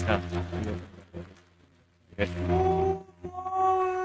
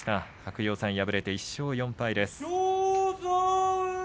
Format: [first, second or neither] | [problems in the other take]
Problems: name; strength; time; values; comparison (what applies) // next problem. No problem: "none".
second | noise reduction (neural mask model RNNoise)